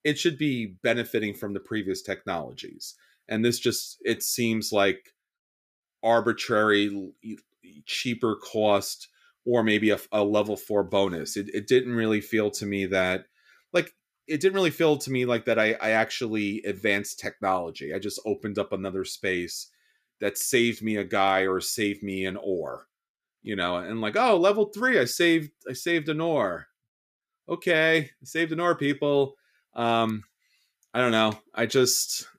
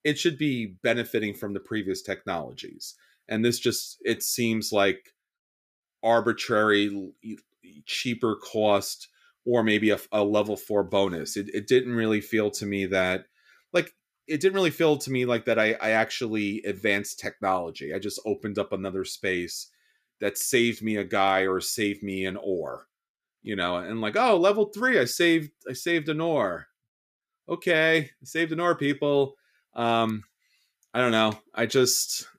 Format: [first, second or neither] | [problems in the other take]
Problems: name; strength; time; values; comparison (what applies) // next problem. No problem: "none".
neither | none